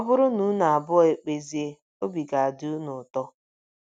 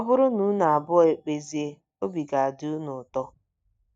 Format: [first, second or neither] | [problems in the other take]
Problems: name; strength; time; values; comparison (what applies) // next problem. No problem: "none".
first | noise reduction (neural mask model DeepFilterNet 3)